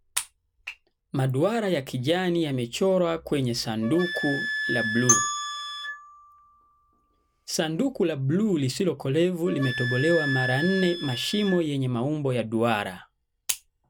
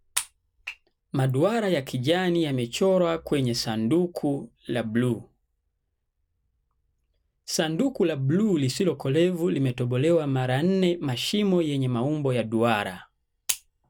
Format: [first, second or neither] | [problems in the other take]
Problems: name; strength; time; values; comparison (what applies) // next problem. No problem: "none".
second | background sound (Glockenspiel + Wind instrument, woodwind instrument); 6 dB below the speech